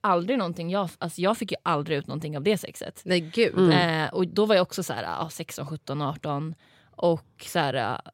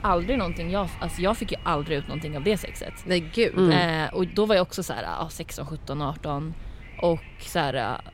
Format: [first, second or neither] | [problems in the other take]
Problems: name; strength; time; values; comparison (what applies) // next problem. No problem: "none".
first | wind noise on the microphone; occasional gusts; 15 dB below the speech